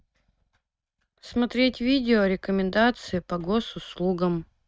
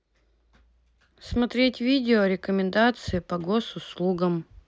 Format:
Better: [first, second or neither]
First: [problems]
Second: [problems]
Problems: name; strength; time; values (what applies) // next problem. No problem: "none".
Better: second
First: noise reduction (neural mask model RNNoise)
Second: none